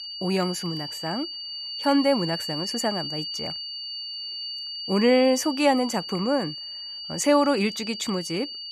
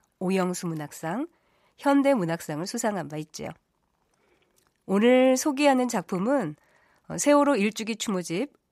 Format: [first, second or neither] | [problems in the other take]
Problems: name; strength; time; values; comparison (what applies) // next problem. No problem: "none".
second | high-pitched whine; loud; throughout; 4.5 kHz, 7 dB below the speech